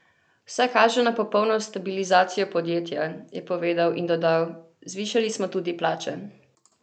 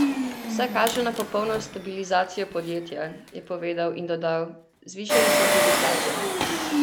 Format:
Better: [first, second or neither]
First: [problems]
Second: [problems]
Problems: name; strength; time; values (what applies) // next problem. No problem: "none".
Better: first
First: none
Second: background sound (Engine); 2 dB above the speech